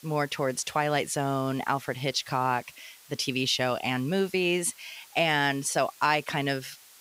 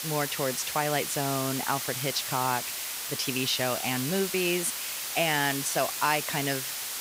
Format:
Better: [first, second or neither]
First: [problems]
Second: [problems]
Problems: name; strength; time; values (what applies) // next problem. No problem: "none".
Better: first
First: hiss; faint; throughout; 25 dB below the speech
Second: hiss; loud; throughout; 2 dB below the speech